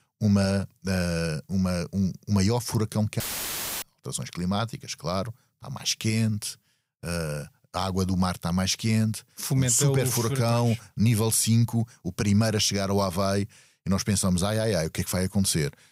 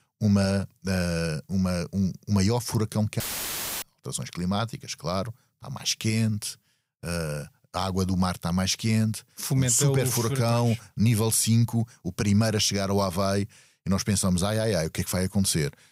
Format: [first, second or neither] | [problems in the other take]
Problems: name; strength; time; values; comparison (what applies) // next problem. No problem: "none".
neither | audio cutting out; filled with static; at 3 s for 0.5 s; the same in both